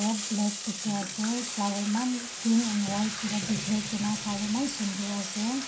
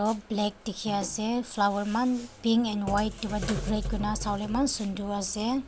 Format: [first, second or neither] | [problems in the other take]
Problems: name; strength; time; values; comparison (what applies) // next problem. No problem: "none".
second | background sound (Bathtub (filling or washing)); 6 dB below the speech // room echo; dies away in 0.3 s